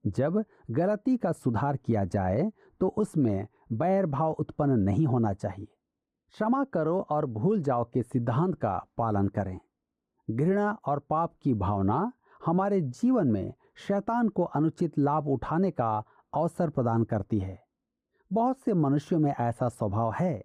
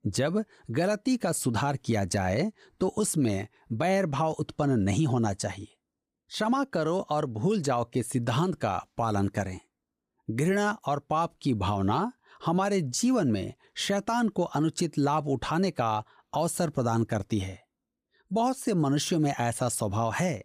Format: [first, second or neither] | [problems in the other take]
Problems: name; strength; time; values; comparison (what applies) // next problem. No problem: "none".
second | muffled; very; fading above 1.5 kHz